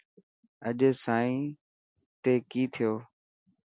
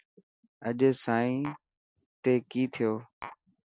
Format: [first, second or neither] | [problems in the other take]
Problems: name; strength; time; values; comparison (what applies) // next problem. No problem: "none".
first | background sound (Tap); 14 dB below the speech